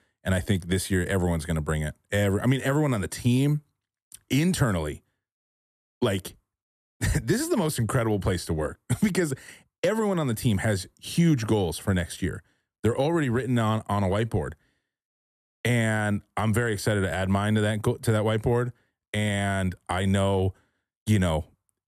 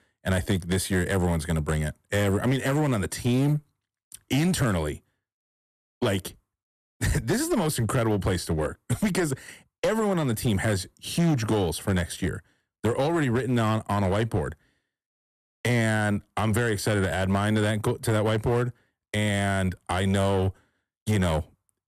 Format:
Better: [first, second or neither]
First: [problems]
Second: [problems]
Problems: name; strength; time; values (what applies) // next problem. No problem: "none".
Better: first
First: none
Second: distortion; slight; 11% of the sound clipped